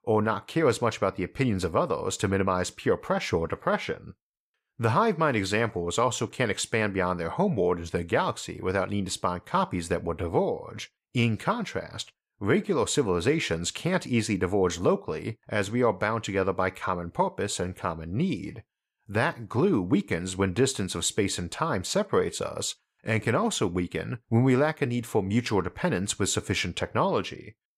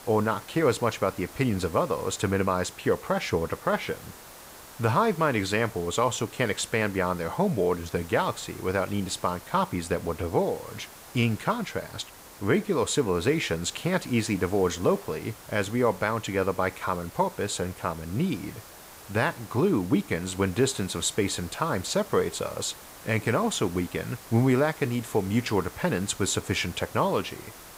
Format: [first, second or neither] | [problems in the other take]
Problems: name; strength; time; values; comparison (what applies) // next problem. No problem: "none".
first | hiss; noticeable; throughout; 20 dB below the speech